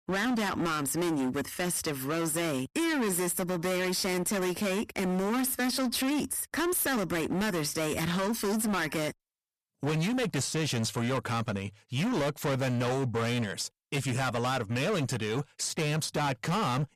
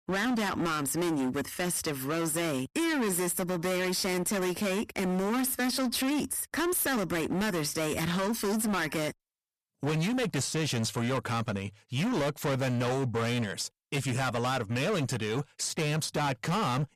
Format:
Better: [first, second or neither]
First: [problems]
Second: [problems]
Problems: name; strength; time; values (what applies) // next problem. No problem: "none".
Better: neither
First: distortion; heavy; 30% of the sound clipped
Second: distortion; heavy; 30% of the sound clipped